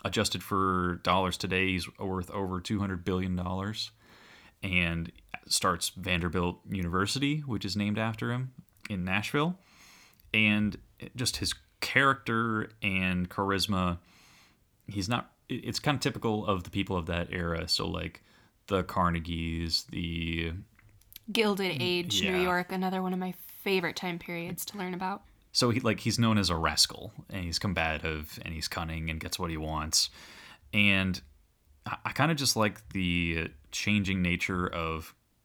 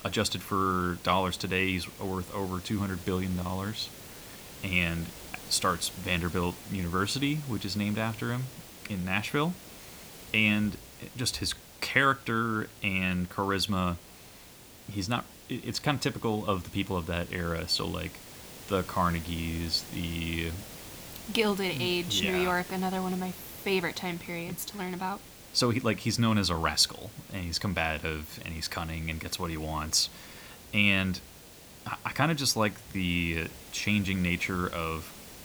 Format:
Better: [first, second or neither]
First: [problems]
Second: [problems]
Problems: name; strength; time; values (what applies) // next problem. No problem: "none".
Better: first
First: none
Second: hiss; noticeable; throughout; 15 dB below the speech